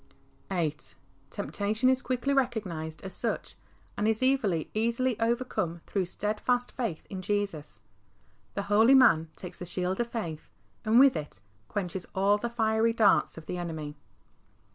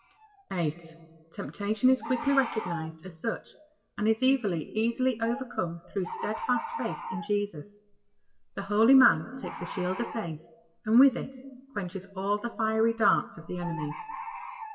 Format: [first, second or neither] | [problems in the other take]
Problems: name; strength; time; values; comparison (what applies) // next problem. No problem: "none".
first | noise reduction (classical method WPE with log-MMSE)